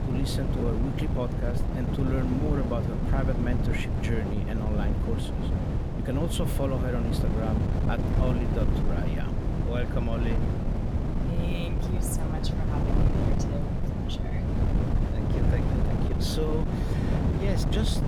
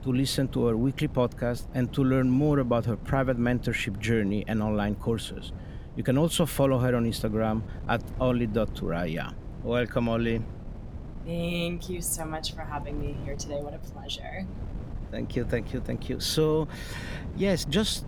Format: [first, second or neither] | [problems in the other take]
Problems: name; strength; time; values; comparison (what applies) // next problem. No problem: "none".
second | wind noise on the microphone; heavy; as loud as the speech; occasional gusts in the second